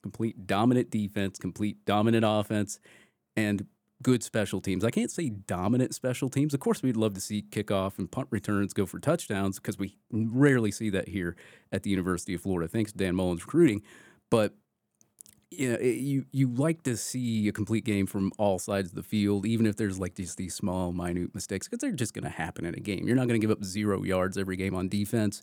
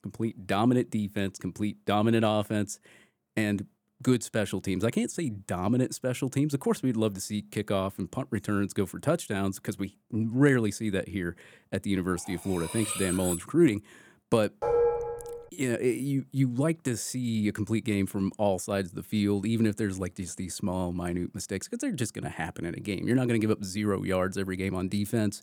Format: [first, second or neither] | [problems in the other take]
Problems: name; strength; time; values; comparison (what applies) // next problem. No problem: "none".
first | clattering dishes; noticeable; from 12 to 13 s; peak 3 dB below the speech // clattering dishes; loud; at 15 s; peak 4 dB above the speech